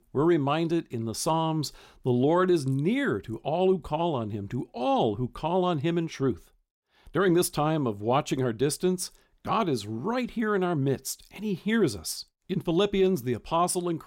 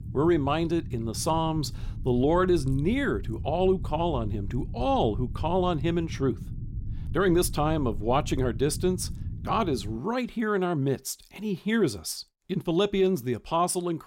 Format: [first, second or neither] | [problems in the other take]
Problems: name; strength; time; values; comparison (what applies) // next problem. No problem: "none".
first | low rumble; faint; until 10 s; 20 dB below the speech